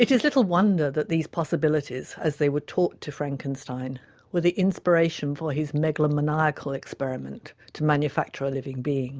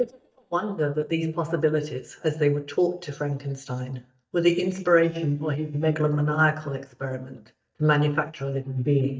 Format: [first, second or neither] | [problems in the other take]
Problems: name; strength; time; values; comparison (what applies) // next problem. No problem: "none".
first | noise reduction (neural mask model DeepFilterNet 3)